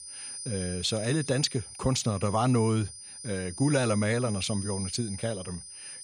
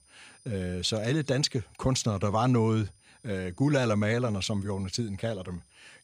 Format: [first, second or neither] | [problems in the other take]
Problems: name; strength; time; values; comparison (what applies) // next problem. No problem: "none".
second | high-pitched whine; loud; throughout; 9 kHz, 10 dB below the speech; faint in the second